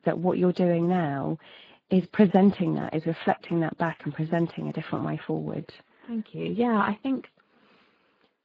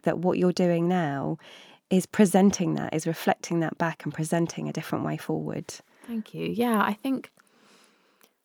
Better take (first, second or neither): second